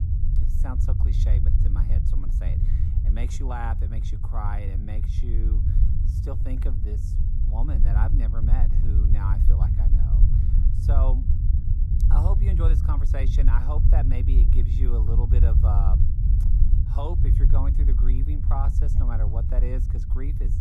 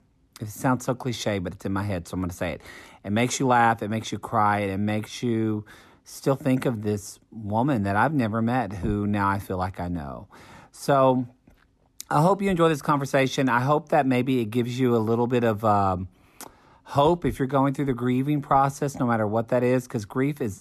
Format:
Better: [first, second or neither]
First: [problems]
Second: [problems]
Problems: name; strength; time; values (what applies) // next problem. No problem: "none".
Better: second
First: low rumble; loud; throughout; 2 dB below the speech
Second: none